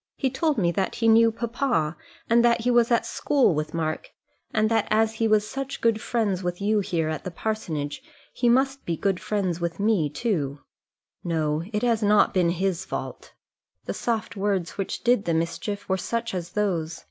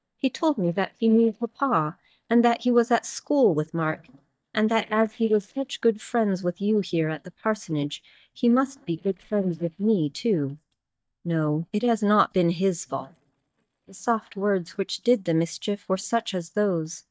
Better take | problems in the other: first | noise reduction (neural mask model DeepFilterNet 3)

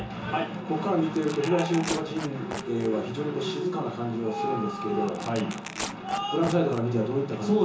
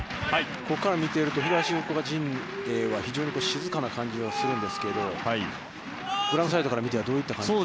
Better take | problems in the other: second | background sound (Tearing); 13 dB below the speech // room echo; dies away in 0.6 s

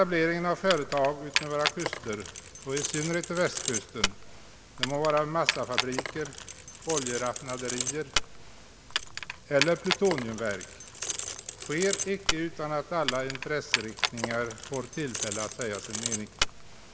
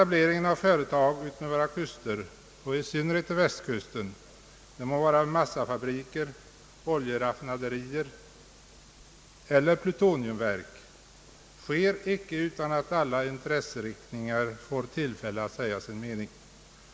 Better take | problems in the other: second | background sound (Keys jangling); 3 dB below the speech

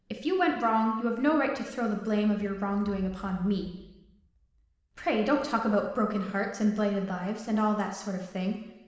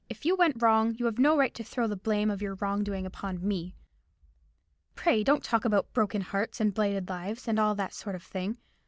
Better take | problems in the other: second | room echo; dies away in 1.1 s

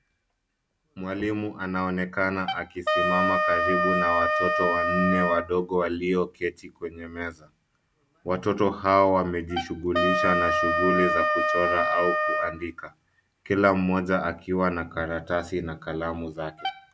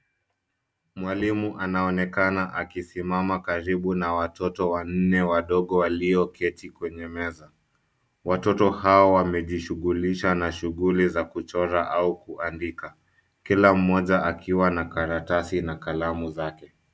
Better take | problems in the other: second | background sound (Wind instrument, woodwind instrument); 1 dB below the speech

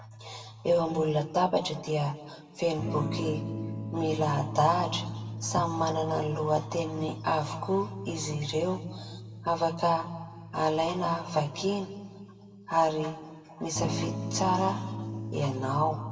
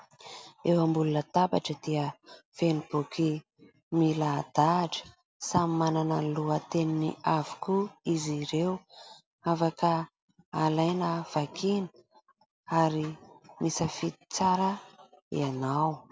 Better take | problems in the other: second | background sound (Electric guitar / Strum); 9 dB below the speech // room echo; dies away in 1.5 s

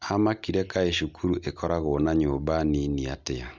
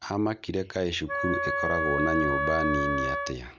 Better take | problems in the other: first | background sound (Wind instrument, woodwind instrument); 1 dB above the speech

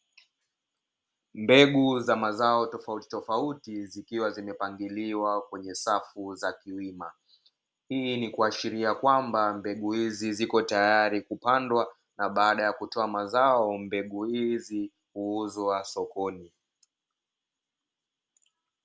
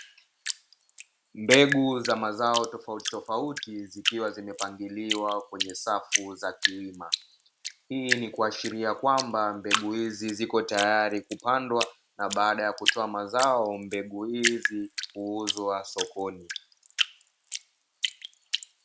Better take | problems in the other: first | background sound (Drip); 5 dB below the speech

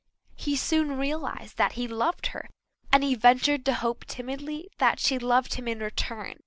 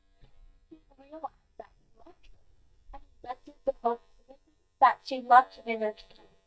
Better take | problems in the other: first | noise reduction (neural mask model DeepFilterNet 3)

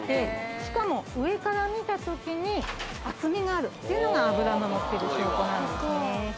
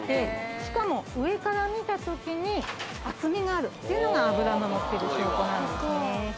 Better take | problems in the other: second | background sound (Bass drum); 14 dB below the speech

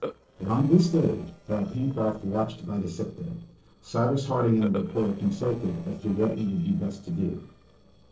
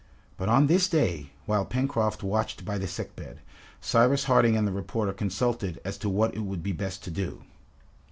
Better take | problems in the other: second | noise reduction (neural separator model SepFormer DNS4)

